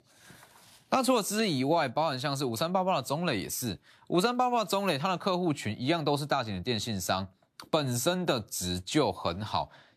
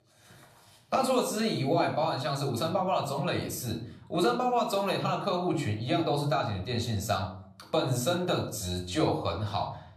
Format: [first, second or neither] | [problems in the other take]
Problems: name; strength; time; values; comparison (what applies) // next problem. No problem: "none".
first | off-mic speech; somewhat distant // room echo; slight; dies away in 0.5 s